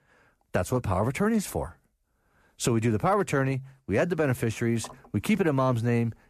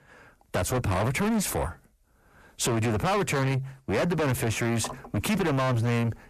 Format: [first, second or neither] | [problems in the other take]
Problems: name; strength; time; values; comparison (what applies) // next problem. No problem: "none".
first | distortion; heavy; 6 dB below the speech